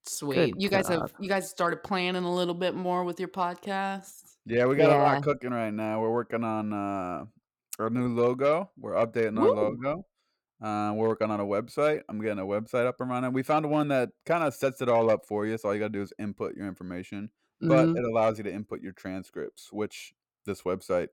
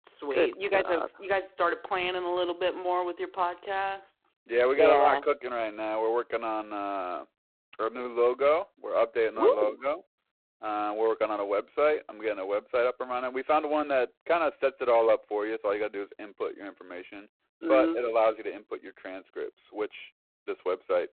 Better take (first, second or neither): first